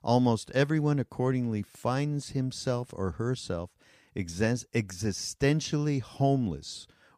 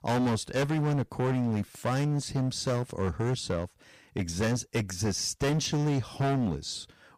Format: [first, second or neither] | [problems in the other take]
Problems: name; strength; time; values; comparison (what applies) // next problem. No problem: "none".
first | distortion; heavy; 18% of the sound clipped